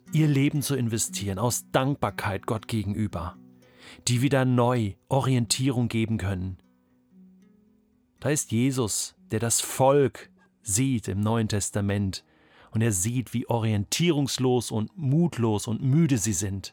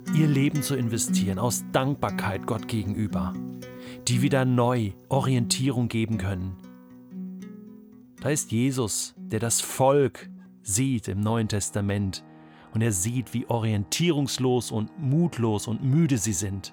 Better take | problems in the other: first | background music; loud; throughout; 10 dB below the speech; faint in the first

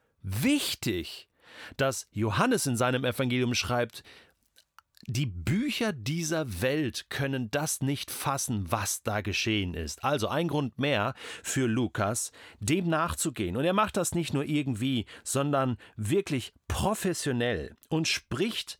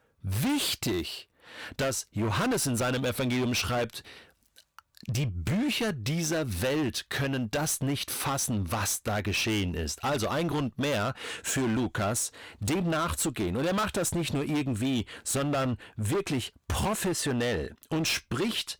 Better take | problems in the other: first | distortion; heavy; 19% of the sound clipped

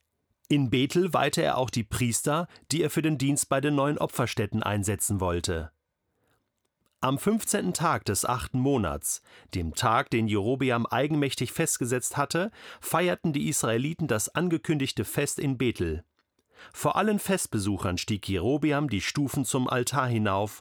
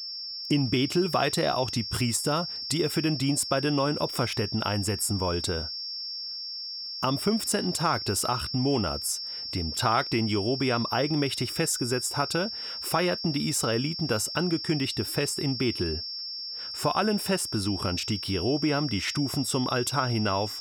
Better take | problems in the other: first | high-pitched whine; loud; throughout; 5.5 kHz, 5 dB below the speech

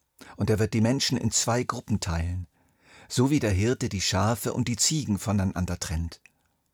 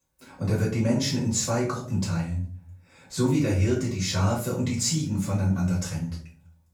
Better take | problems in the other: first | off-mic speech; far // room echo; slight; dies away in 0.4 s

